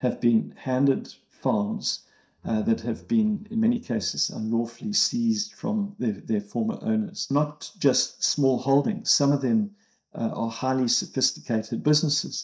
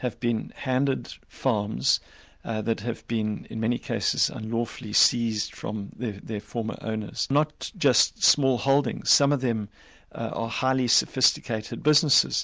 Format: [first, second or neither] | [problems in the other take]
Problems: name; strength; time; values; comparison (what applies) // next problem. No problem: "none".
second | noise reduction (neural mask model DeepFilterNet 3)